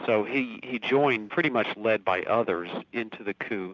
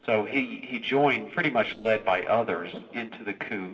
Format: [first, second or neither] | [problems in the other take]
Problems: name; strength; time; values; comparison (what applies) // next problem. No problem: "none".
first | noise reduction (neural separator model SepFormer DNS4)